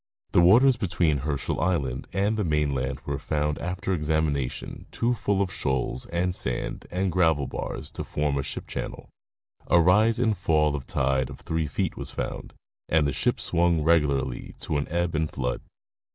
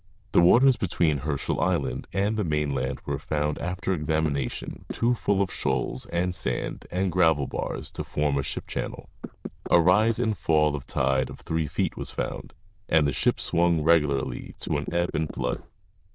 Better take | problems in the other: first | noise reduction (neural diffusion model UNIVERSE++)

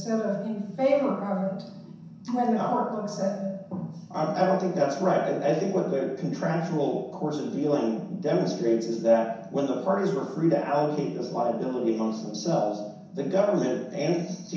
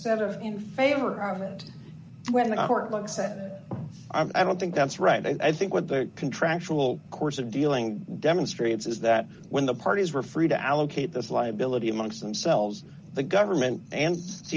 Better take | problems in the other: second | room echo; dies away in 0.7 s

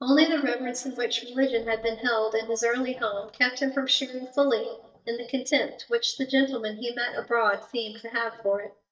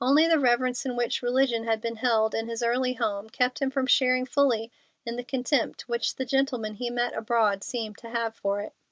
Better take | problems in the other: second | noise reduction (neural mask model DeepFilterNet 3)

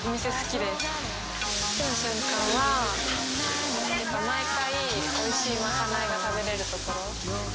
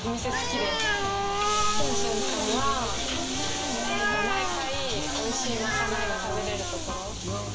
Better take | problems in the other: first | background sound (Animal); 1 dB below the speech // room echo; dies away in 0.7 s

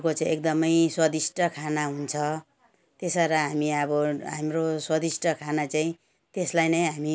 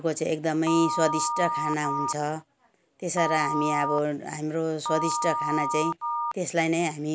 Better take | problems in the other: first | background sound (Telephone); 4 dB below the speech

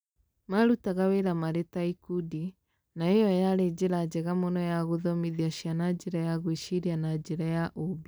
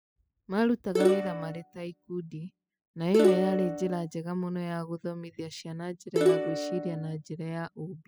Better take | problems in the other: first | noise reduction (classical method spectral subtraction)

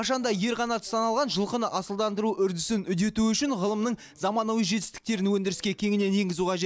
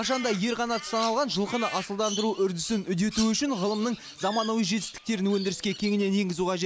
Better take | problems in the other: first | background sound (Crow); 13 dB below the speech

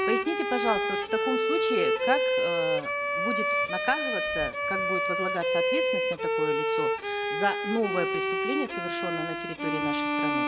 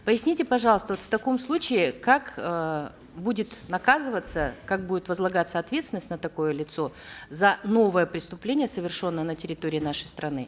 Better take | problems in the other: second | background sound (Bowed string instrument); 5 dB above the speech

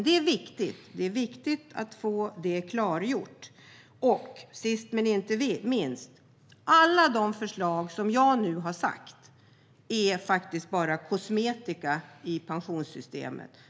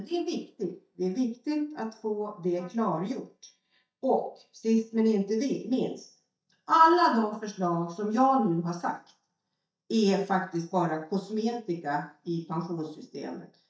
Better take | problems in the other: first | noise reduction (neural mask model DeepFilterNet 3)

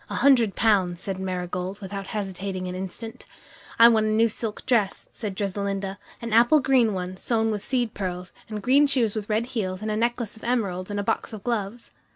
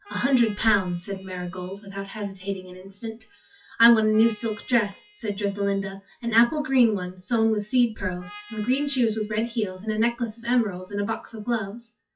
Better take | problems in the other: first | noise reduction (classical method WPE with log-MMSE)

